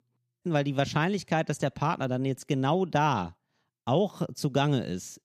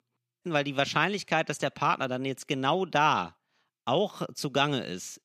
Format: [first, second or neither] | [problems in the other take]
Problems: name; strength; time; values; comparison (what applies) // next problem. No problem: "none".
first | thin; very slightly; fading below 650 Hz